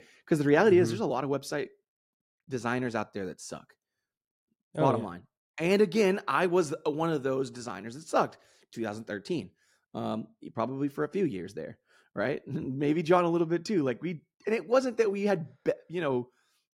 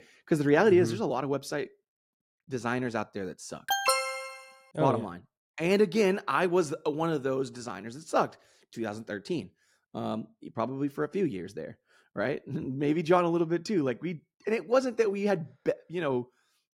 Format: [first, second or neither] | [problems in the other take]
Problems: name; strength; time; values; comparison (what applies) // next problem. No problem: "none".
first | alarm; loud; at 3.5 s; peak 3 dB above the speech